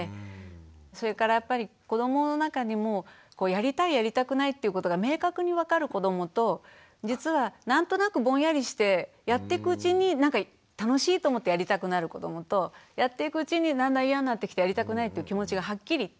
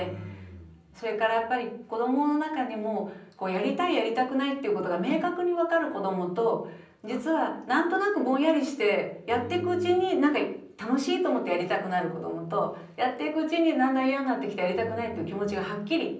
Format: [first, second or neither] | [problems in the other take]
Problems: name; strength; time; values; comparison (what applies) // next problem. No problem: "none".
first | room echo; dies away in 0.6 s